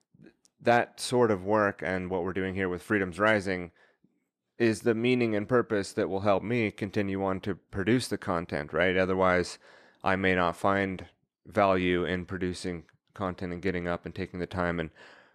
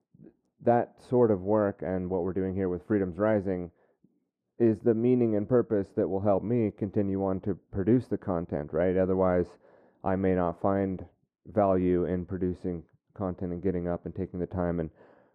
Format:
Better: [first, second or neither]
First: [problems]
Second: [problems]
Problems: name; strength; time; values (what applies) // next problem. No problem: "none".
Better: first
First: none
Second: muffled; very; fading above 1.5 kHz